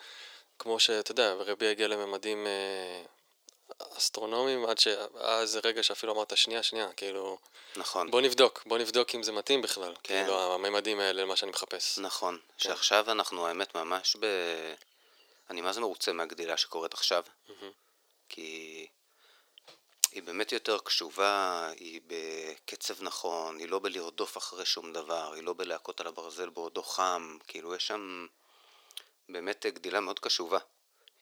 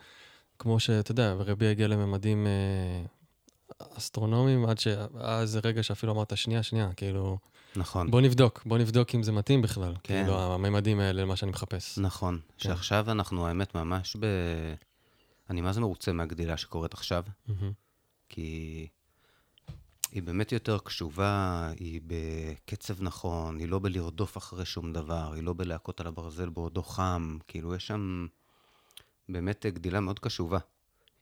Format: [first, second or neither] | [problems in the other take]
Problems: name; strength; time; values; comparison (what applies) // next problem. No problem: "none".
second | thin; very; fading below 400 Hz